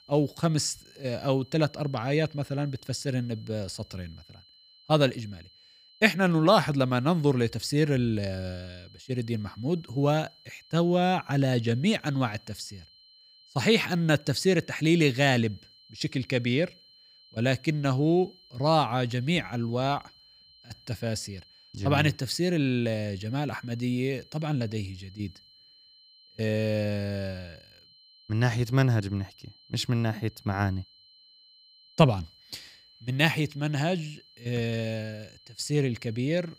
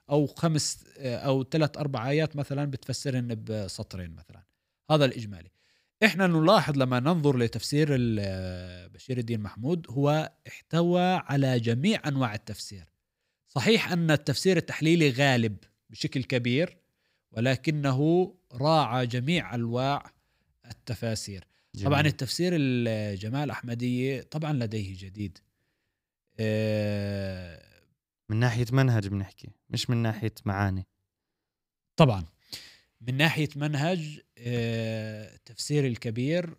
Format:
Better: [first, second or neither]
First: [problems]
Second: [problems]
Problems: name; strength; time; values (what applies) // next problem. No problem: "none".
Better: second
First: high-pitched whine; faint; throughout; 4 kHz, 25 dB below the speech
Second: none